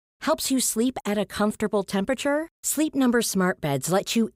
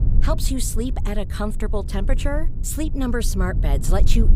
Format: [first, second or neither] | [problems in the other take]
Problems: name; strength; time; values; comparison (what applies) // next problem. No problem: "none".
first | low rumble; noticeable; throughout; 15 dB below the speech